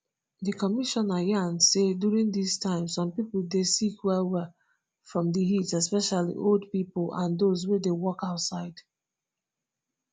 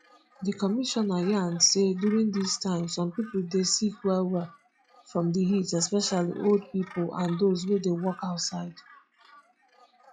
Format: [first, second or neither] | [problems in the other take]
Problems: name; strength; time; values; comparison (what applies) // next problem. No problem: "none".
first | noise reduction (classical method log-MMSE)